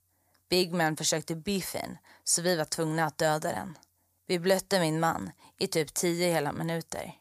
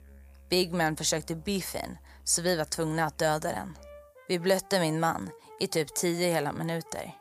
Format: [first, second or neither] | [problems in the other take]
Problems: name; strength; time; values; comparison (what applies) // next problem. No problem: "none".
first | background music; faint; throughout; 25 dB below the speech